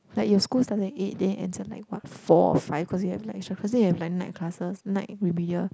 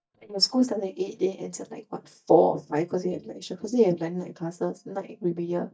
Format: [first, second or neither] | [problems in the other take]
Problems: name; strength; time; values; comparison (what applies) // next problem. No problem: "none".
first | noise reduction (neural mask model DeepFilterNet 3)